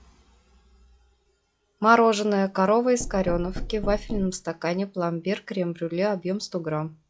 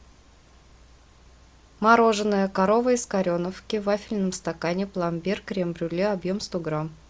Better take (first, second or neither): second